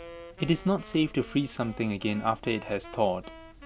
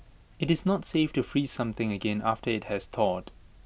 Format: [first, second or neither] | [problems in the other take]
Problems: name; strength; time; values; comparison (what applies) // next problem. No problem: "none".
second | background sound (Wind instrument, woodwind instrument); 18 dB below the speech